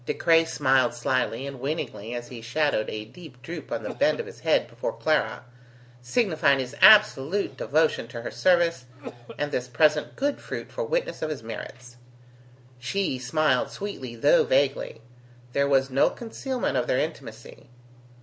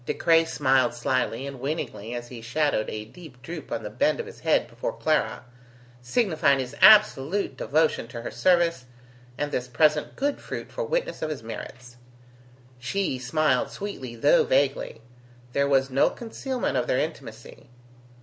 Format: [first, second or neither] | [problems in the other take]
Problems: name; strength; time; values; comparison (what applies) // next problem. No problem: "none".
second | background sound (Cough); 19 dB below the speech